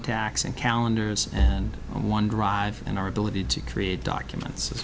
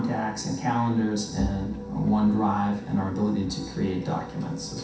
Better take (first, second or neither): first